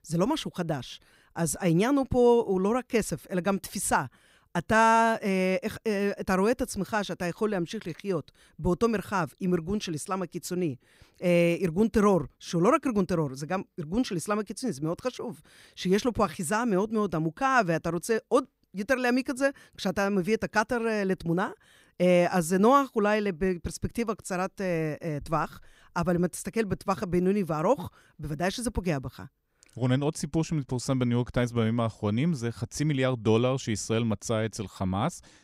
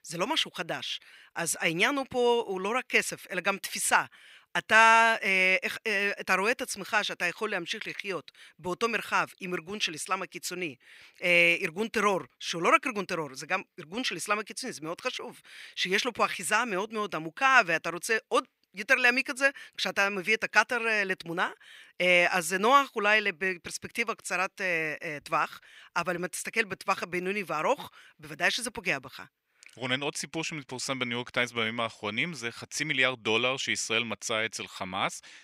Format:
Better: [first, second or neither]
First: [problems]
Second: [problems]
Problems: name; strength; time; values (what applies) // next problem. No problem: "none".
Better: first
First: none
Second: thin; somewhat; fading below 750 Hz